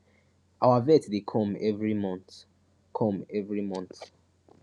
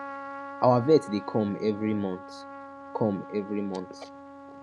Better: first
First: none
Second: background sound (Trumpet); 13 dB below the speech

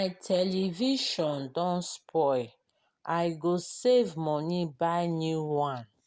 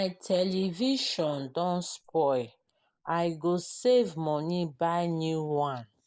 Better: first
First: none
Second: noise reduction (neural mask model Resemble Enhance denoiser)

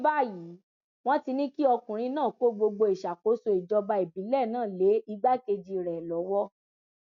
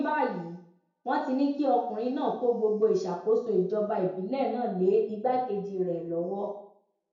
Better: first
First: none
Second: room echo; dies away in 0.5 s

